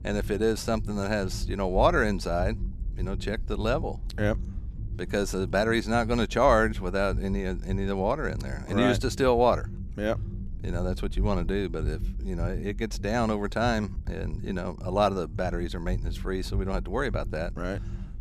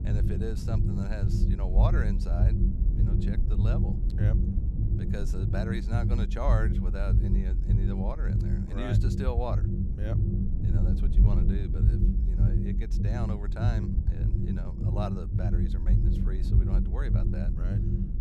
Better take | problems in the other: first | low rumble; loud; throughout; 1 dB below the speech; faint in the first

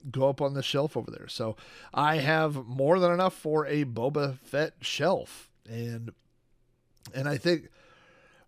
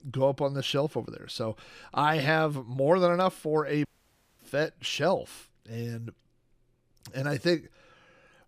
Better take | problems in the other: first | audio cutting out; at 4 s for 0.5 s

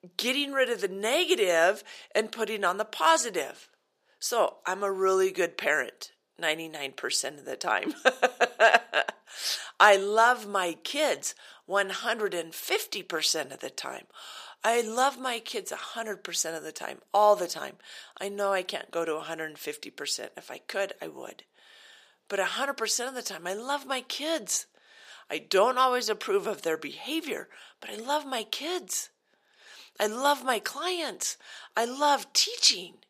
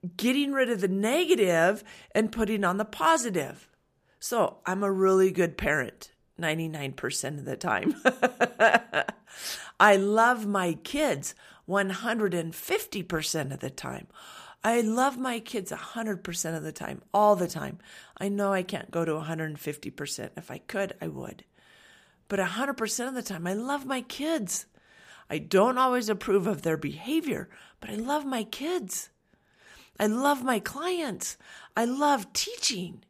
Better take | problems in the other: second | thin; somewhat; fading below 500 Hz

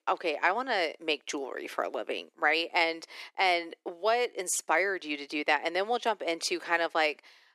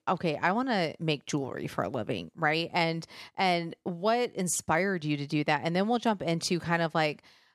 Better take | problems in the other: second | thin; very; fading below 350 Hz

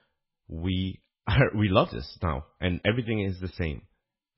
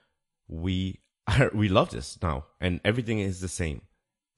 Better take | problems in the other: second | garbled, watery; badly; nothing above 5.5 kHz; slightly in the second

